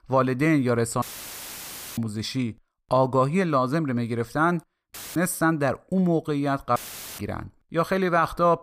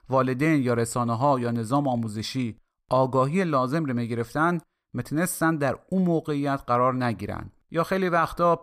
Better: second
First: audio cutting out; filled with static; at 1 s for 1 s, at 5 s and at 7 s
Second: none

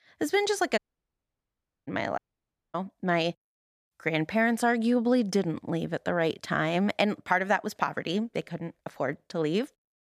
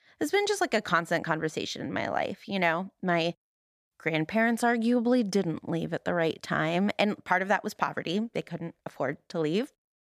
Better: second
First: audio cutting out; at 1 s for 1 s and at 2 s for 0.5 s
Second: none

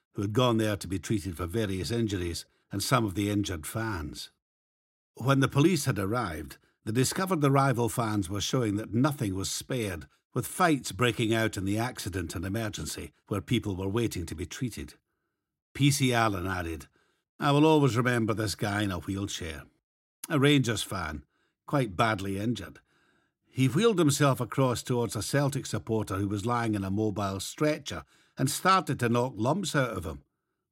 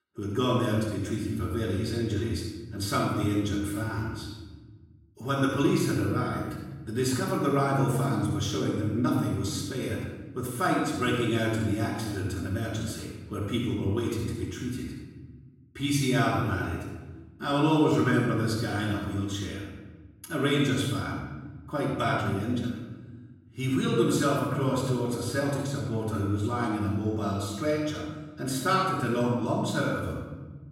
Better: first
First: none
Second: room echo; noticeable; dies away in 1.2 s // off-mic speech; far

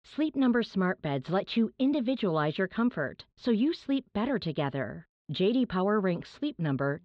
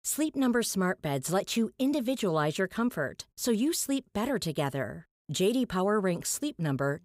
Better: second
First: muffled; slightly; fading above 4 kHz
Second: none

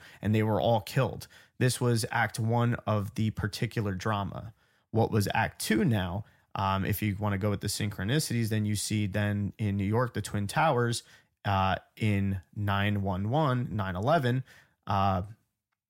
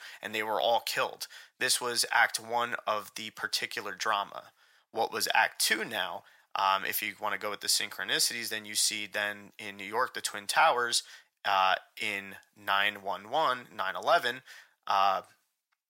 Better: first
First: none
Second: thin; very; fading below 800 Hz

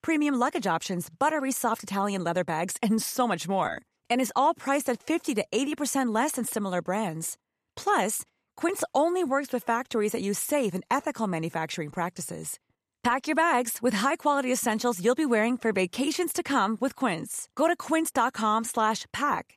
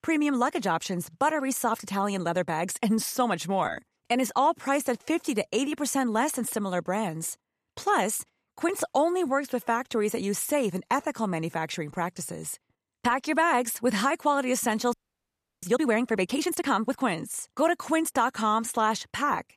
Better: first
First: none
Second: audio freezing; at 15 s for 0.5 s

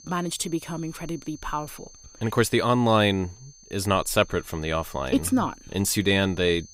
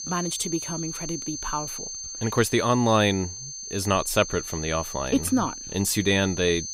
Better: first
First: high-pitched whine; faint; throughout; 6.5 kHz, 25 dB below the speech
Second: high-pitched whine; loud; throughout; 6.5 kHz, 8 dB below the speech

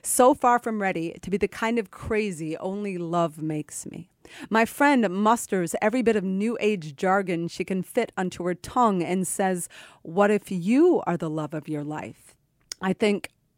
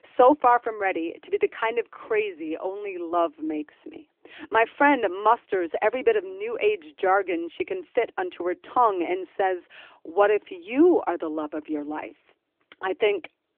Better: first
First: none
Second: phone-call audio

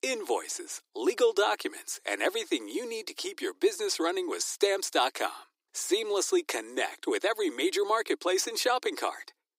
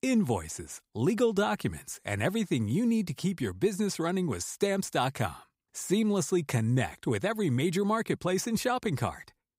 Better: second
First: thin; very; fading below 300 Hz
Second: none

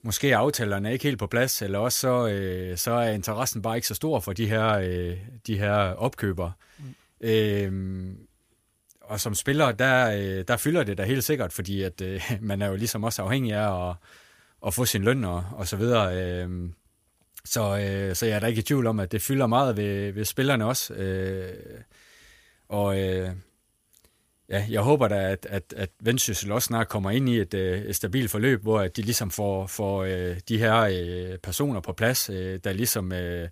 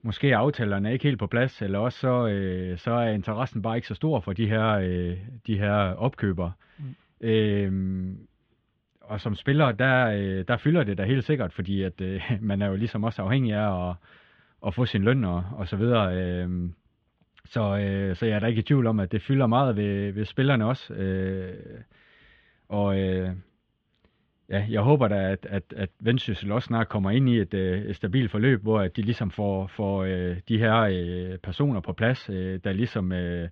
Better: first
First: none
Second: muffled; very; fading above 3.5 kHz

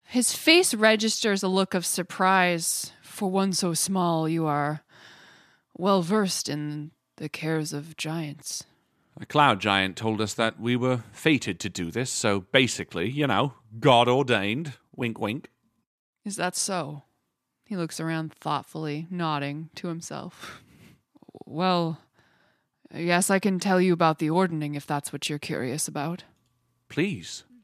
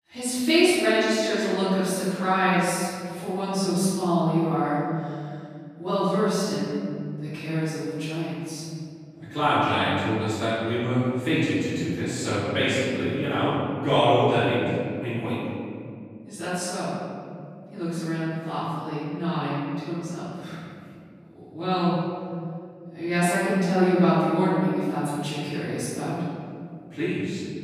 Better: first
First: none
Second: off-mic speech; far // room echo; strong; dies away in 2.5 s

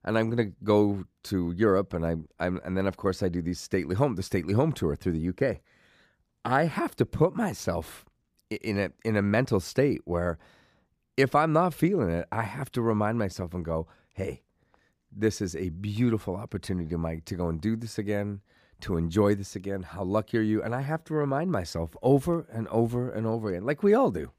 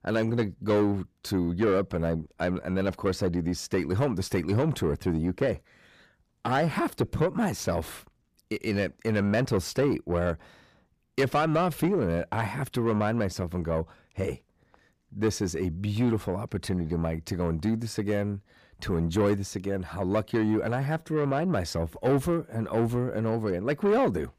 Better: first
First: none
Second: distortion; slight; 10 dB below the speech

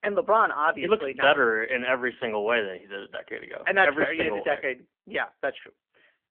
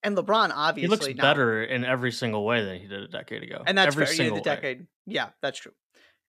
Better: second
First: phone-call audio; poor line; nothing above 3 kHz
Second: none

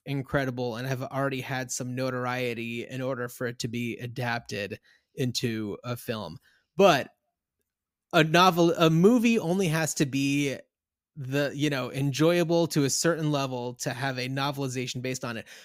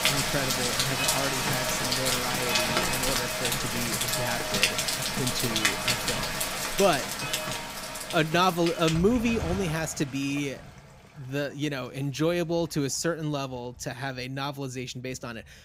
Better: first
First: none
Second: rain or running water; very loud; throughout; 3 dB above the speech

